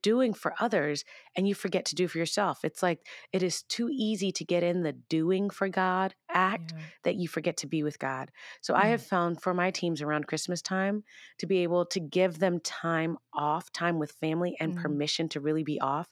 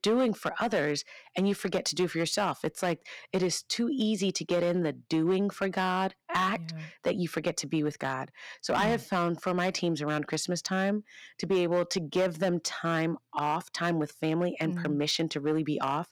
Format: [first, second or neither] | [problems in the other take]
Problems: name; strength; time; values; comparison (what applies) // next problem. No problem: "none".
first | distortion; slight; 5% of the sound clipped